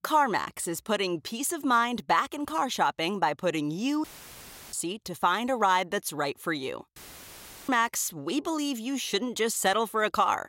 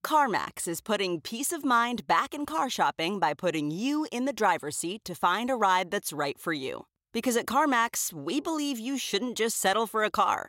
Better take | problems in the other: second | audio cutting out; filled with static; at 4 s for 0.5 s and at 7 s for 0.5 s

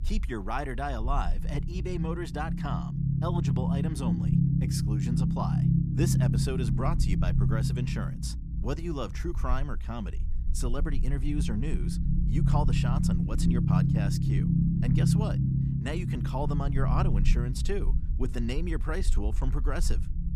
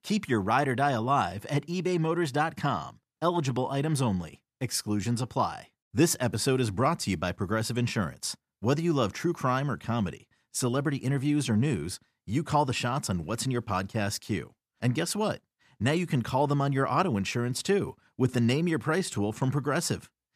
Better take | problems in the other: second | low rumble; loud; throughout; 1 dB below the speech

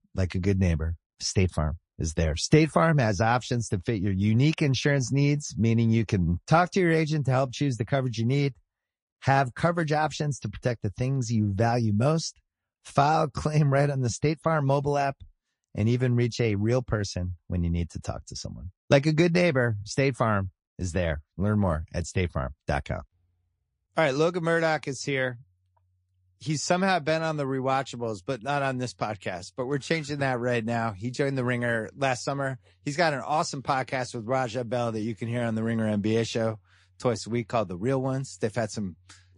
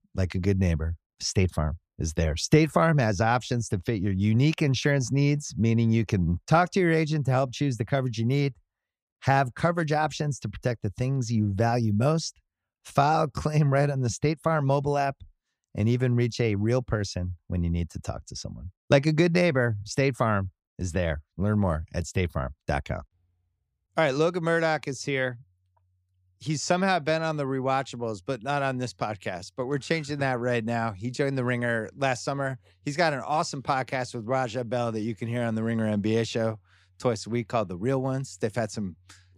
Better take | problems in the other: second | garbled, watery; slightly; nothing above 10 kHz

